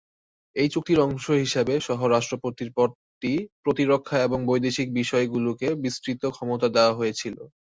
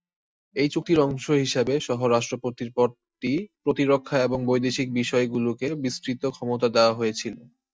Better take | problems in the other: first | noise reduction (neural mask model DeepFilterNet 3)

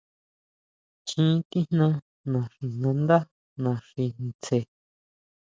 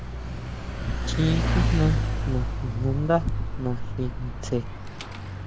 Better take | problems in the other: first | background sound (Mechanisms / Bicycle); 2 dB above the speech

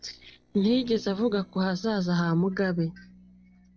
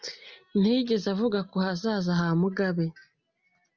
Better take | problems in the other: second | noise reduction (neural separator model SepFormer DNS4)

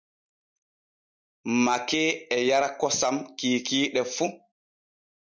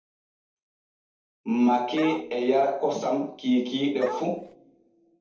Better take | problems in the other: first | background sound (Bark); 9 dB below the speech // room echo; dies away in 0.6 s

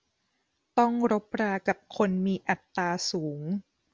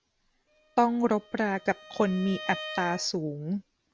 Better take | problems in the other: first | background sound (Bowed string instrument); 15 dB below the speech

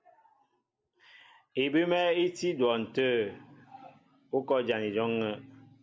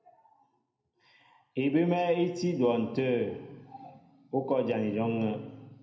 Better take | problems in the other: first | room echo; dies away in 0.8 s

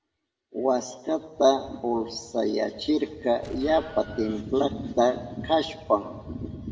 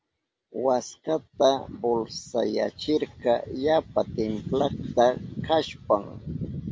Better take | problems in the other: second | background sound (Explosion); 17 dB below the speech // room echo; dies away in 1 s

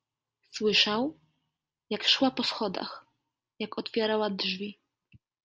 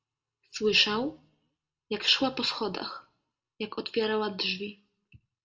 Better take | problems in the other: first | room echo; dies away in 0.3 s

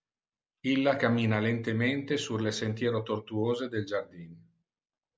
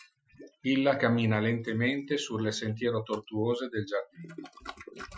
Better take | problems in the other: first | noise reduction (classical method Wiener filter)

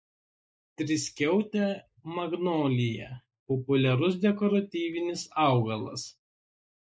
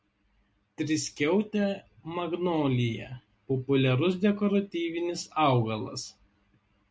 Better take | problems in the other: second | noise reduction (neural mask model Resemble Enhance denoiser)

